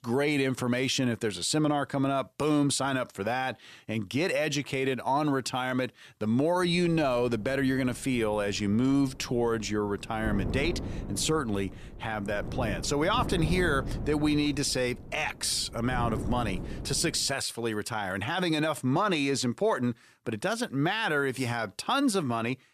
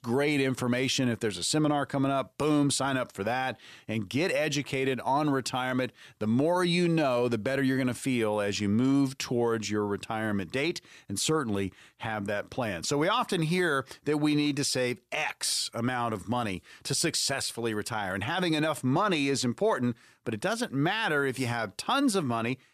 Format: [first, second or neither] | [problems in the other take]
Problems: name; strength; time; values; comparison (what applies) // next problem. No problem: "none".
second | wind noise on the microphone; occasional gusts; from 6.5 to 17 s; 15 dB below the speech